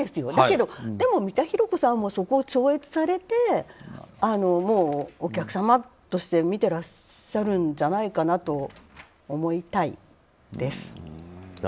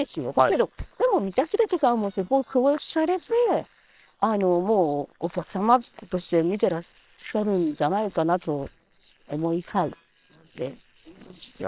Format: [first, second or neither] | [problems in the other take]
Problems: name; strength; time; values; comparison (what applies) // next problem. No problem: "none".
first | noise reduction (neural separator model SepFormer WHAM!)